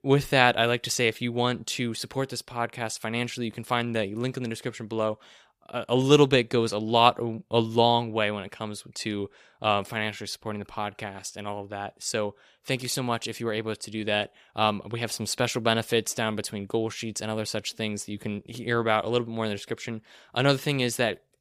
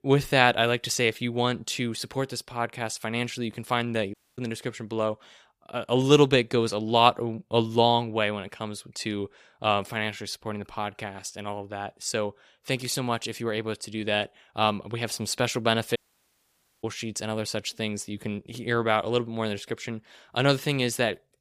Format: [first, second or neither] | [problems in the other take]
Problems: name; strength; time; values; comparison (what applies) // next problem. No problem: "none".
first | audio cutting out; at 4 s and at 16 s for 1 s